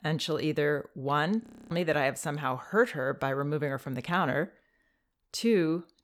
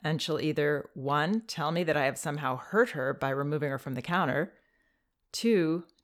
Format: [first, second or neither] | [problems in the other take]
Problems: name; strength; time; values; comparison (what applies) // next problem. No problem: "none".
second | audio freezing; at 1.5 s